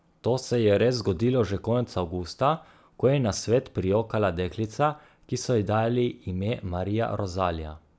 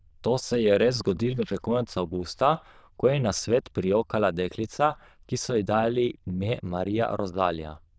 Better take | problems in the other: first | noise reduction (neural diffusion model UNIVERSE++)

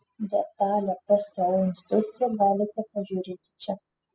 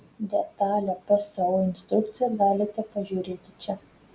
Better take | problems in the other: second | noise reduction (classical method spectral subtraction)

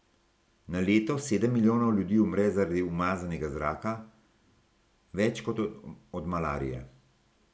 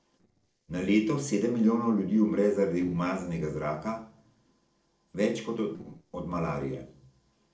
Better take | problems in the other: first | noise reduction (neural separator model SepFormer DNS4)

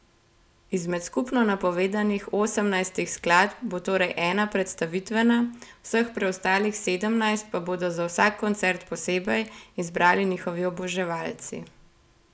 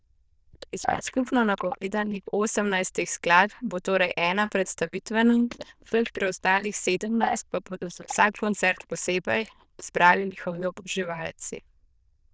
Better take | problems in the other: first | noise reduction (neural diffusion model UNIVERSE++)

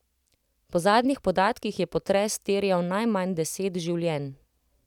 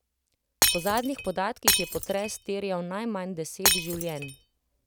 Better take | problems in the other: first | background sound (Shatter); 4 dB above the speech

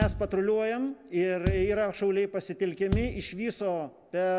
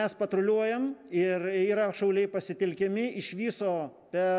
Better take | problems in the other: second | background sound (Bass drum); 7 dB below the speech

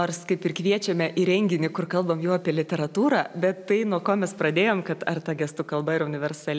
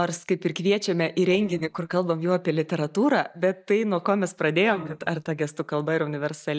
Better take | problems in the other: first | noise reduction (neural mask model DeepFilterNet 3)

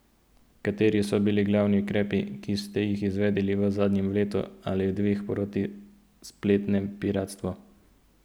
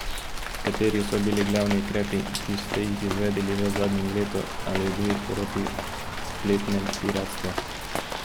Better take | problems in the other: first | background sound (Rain); 4 dB below the speech

